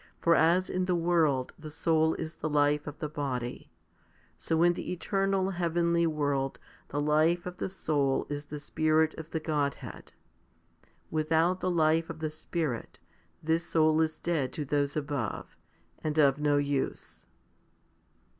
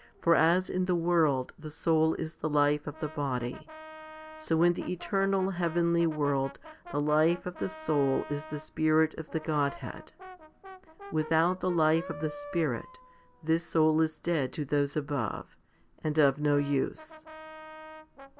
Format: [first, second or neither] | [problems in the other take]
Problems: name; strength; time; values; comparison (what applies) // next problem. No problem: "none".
first | background sound (Brass instrument); 18 dB below the speech